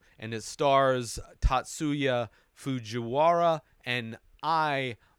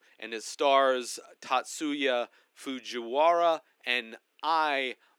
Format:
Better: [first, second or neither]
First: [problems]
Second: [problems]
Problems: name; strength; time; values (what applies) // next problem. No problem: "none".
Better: first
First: none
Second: thin; very slightly; fading below 250 Hz